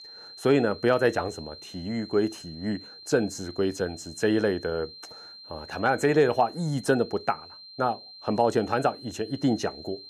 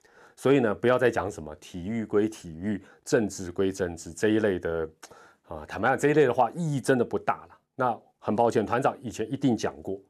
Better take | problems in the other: second | high-pitched whine; noticeable; throughout; 4 kHz, 15 dB below the speech

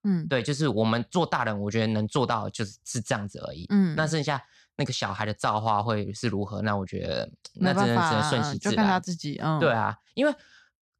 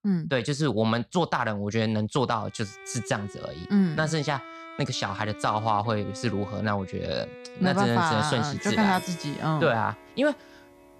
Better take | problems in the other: first | background music; noticeable; from 2.5 s on; 15 dB below the speech

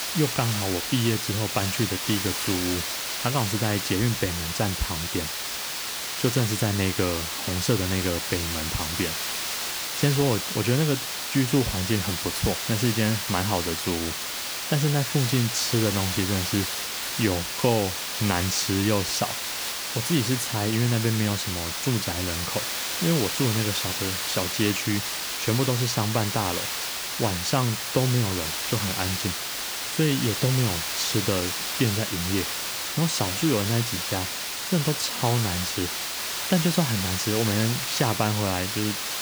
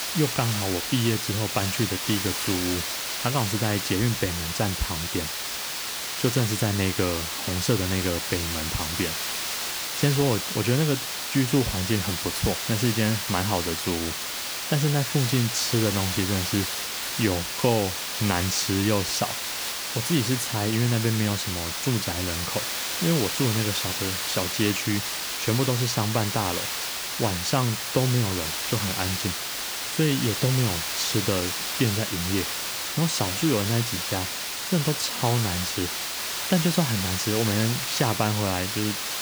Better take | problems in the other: neither | hiss; loud; throughout; 1 dB below the speech; the same in both

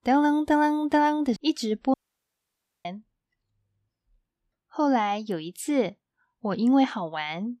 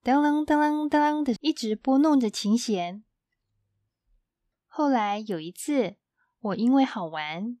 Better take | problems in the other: second | audio cutting out; at 2 s for 1 s

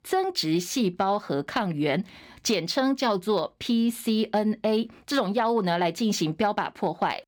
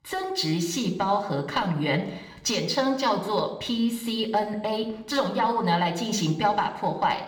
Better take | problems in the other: first | room echo; slight; dies away in 0.8 s

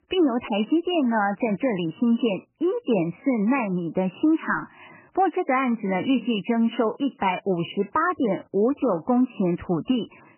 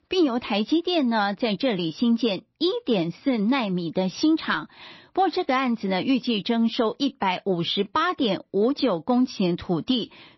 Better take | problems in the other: second | garbled, watery; badly; nothing above 3 kHz; slightly in the second

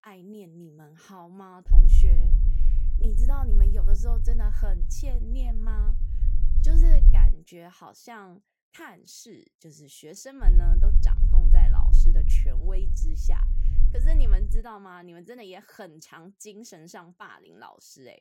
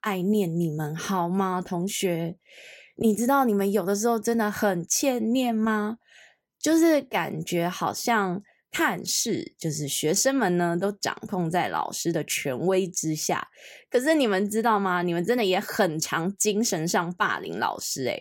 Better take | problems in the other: second | low rumble; loud; from 1.5 to 7.5 s and from 10 to 15 s; 4 dB below the speech

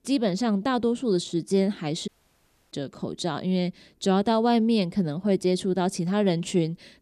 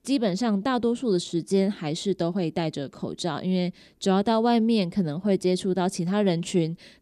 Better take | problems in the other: second | audio cutting out; at 2 s for 0.5 s

